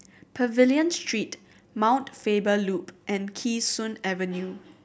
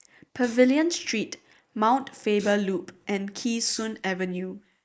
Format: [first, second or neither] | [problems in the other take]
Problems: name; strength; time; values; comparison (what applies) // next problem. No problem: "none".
first | noise reduction (neural mask model Resemble Enhance denoiser)